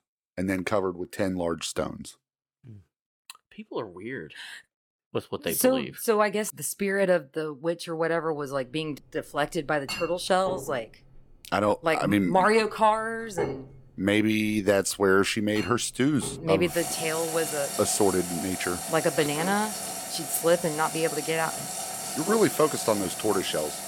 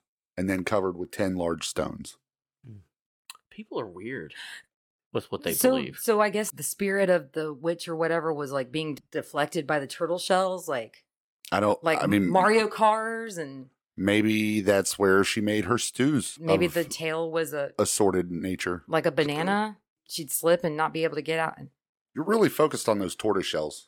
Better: second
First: household noises; loud; from 8.5 s on; 7 dB below the speech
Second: none

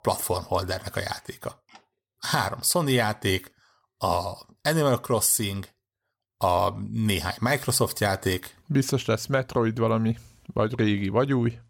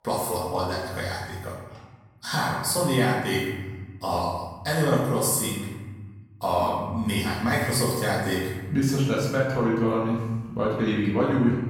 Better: first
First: none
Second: room echo; noticeable; dies away in 1.1 s // off-mic speech; far

